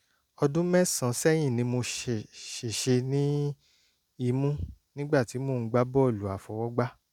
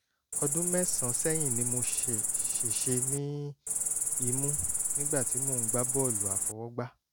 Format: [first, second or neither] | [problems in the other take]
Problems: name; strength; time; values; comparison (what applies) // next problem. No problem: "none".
first | background sound (Cricket); 5 dB above the speech